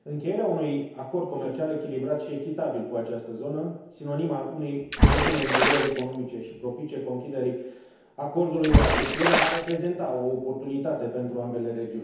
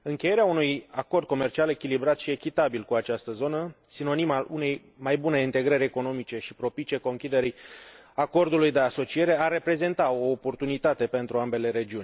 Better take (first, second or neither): second